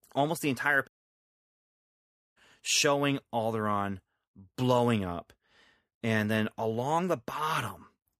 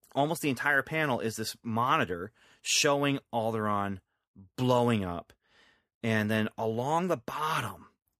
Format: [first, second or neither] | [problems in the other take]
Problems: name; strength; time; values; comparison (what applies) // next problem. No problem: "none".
second | audio cutting out; at 1 s for 1.5 s